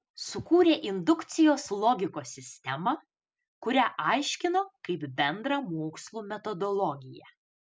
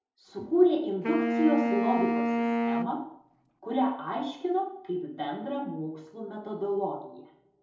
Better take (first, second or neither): first